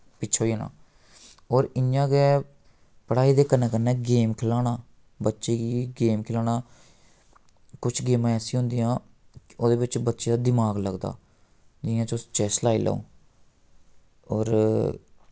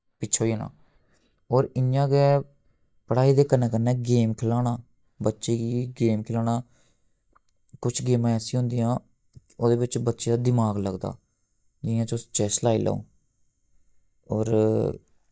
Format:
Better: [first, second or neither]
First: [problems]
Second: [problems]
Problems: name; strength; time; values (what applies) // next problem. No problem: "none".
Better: first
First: none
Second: noise reduction (neural mask model DeepFilterNet 3)